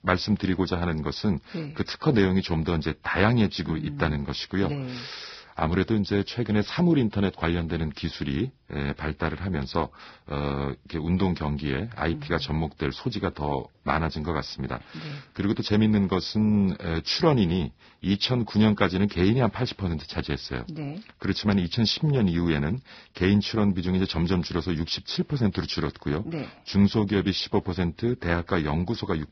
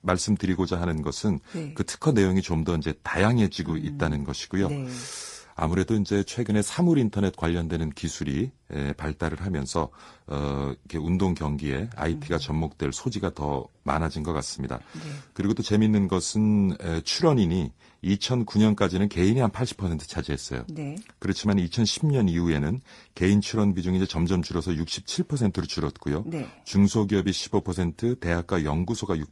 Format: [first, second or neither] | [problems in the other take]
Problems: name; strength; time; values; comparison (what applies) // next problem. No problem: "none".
second | garbled, watery; badly; nothing above 5.5 kHz; slightly in the second